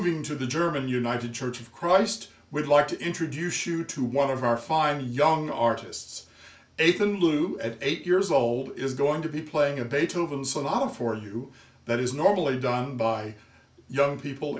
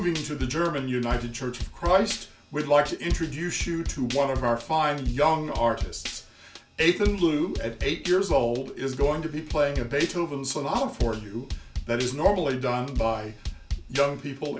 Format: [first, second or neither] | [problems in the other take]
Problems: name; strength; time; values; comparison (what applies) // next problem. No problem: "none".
first | background sound (Drum kit); 8 dB below the speech